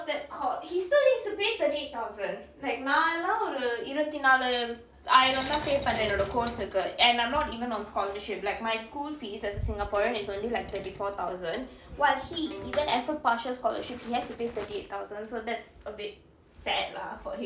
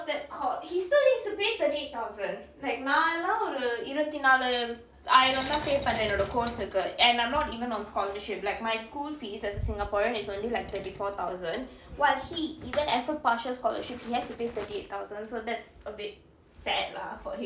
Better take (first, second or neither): second